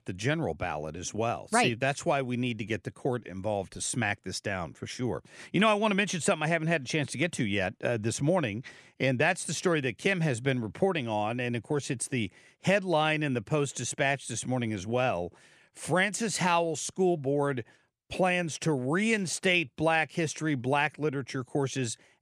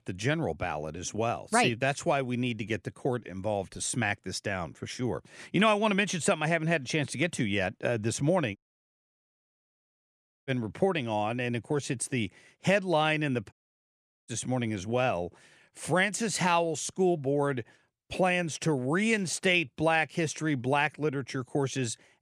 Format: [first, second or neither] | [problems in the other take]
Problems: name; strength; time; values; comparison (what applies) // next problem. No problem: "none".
first | audio cutting out; at 8.5 s for 2 s and at 14 s for 1 s